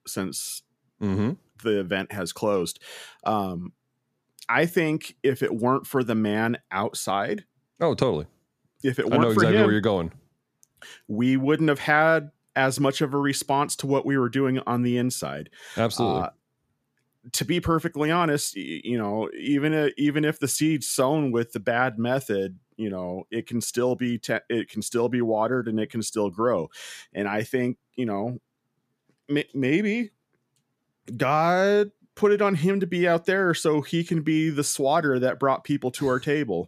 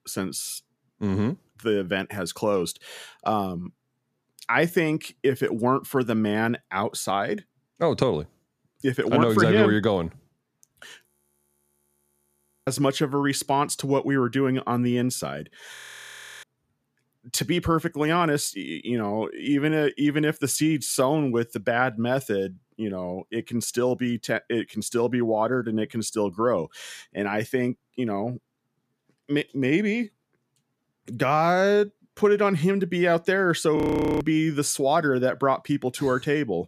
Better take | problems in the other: first | audio freezing; at 11 s for 1.5 s, at 16 s for 0.5 s and at 34 s

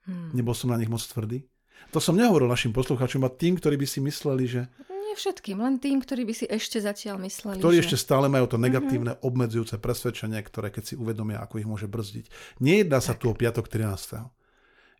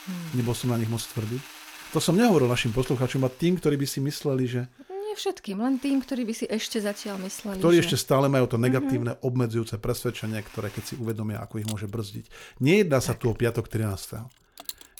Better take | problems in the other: first | machinery noise; noticeable; throughout; 20 dB below the speech

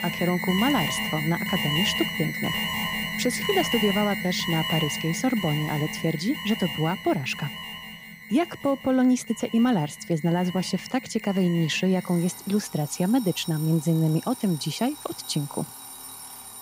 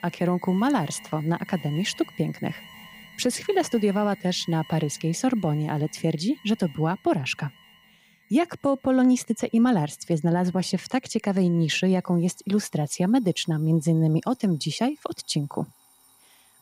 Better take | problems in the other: second | alarms or sirens; loud; throughout; 5 dB below the speech; faint in the second

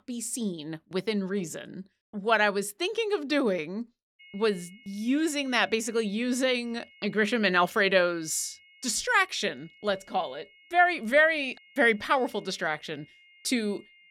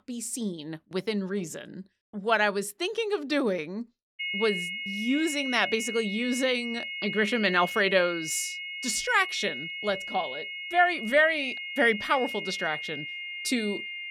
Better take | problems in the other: first | high-pitched whine; loud; from 4 s on; 2 kHz, 6 dB below the speech; faint in the first

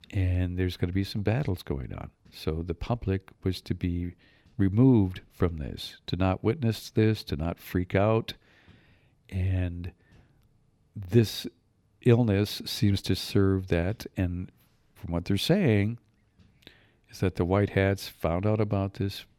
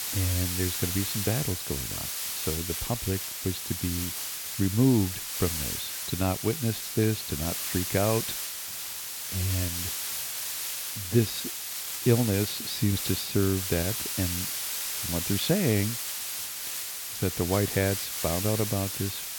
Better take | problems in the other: first | hiss; loud; throughout; 2 dB below the speech

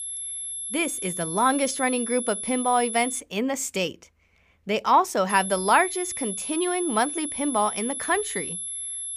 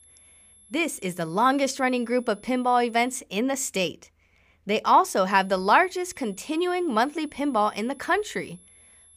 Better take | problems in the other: second | high-pitched whine; loud; until 3 s and from 5.5 s on; 11 kHz, 5 dB below the speech; faint in the second

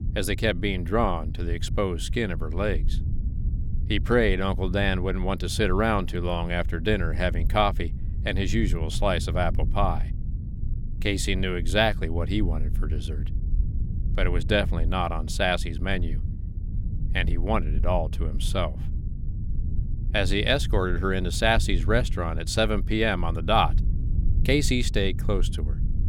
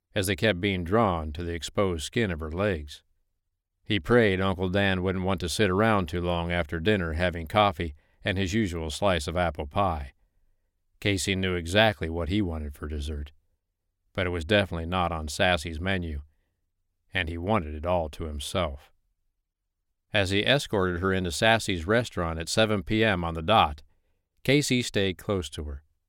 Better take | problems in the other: second | low rumble; noticeable; throughout; 20 dB below the speech

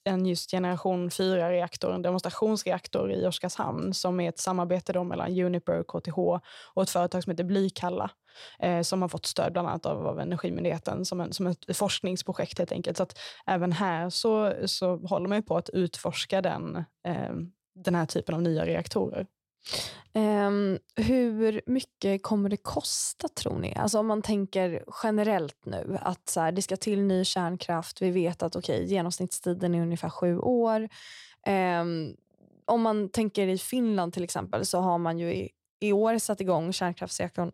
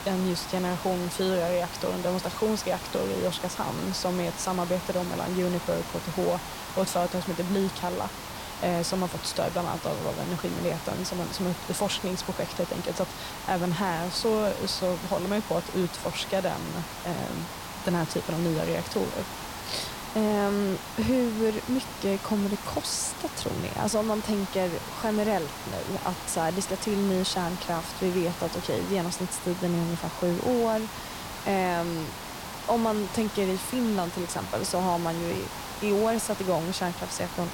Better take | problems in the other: first | hiss; loud; throughout; 8 dB below the speech

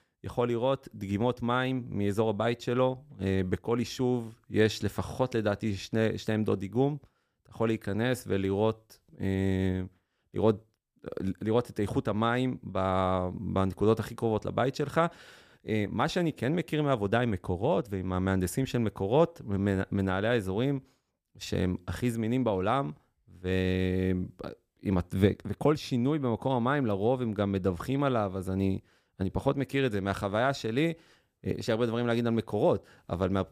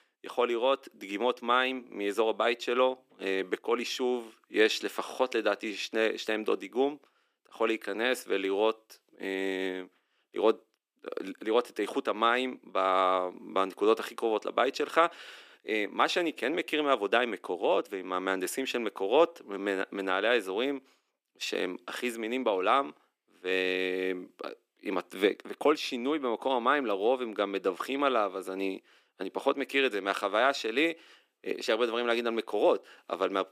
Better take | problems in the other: first | thin; somewhat; fading below 300 Hz

